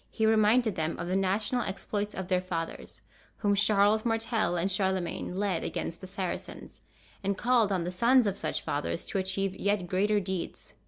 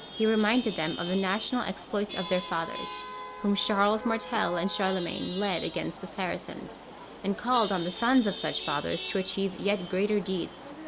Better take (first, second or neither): first